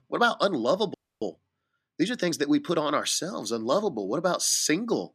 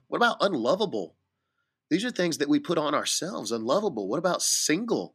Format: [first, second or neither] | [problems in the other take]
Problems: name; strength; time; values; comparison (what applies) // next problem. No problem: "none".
second | audio freezing; at 1 s